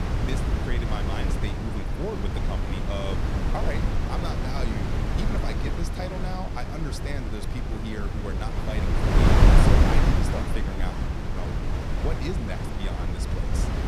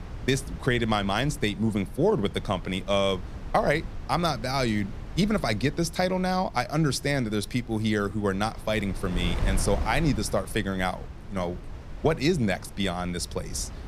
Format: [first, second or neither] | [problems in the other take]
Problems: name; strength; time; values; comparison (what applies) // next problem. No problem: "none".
second | wind noise on the microphone; heavy; 4 dB above the speech; occasional gusts in the second